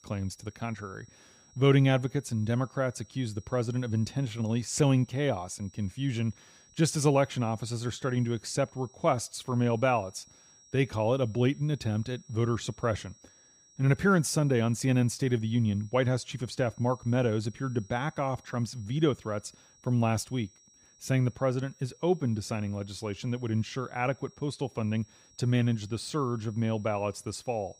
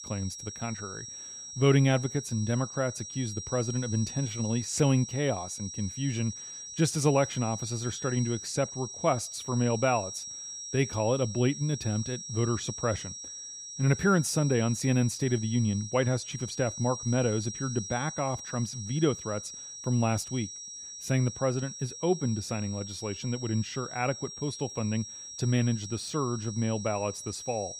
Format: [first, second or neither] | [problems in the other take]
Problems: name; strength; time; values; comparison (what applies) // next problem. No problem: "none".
first | high-pitched whine; loud; throughout; 5.5 kHz, 9 dB below the speech; faint in the first